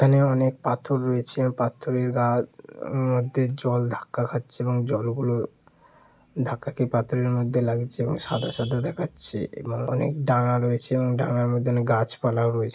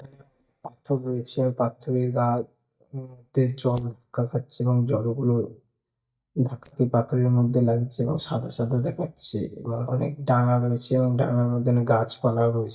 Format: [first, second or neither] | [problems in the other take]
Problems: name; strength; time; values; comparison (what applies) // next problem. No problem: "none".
first | noise reduction (neural mask model DeepFilterNet 3)